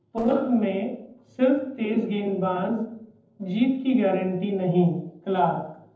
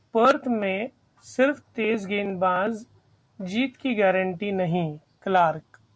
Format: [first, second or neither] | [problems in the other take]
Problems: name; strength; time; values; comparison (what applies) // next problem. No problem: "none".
second | noise reduction (neural separator model SepFormer DNS4)